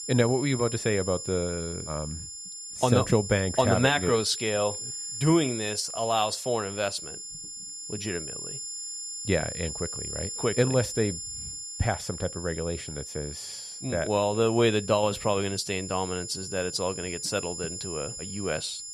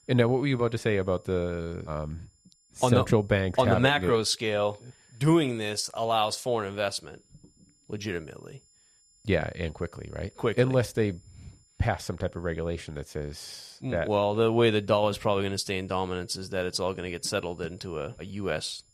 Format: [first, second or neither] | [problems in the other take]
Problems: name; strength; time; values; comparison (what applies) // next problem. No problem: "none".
second | high-pitched whine; loud; throughout; 7 kHz, 7 dB below the speech; faint in the second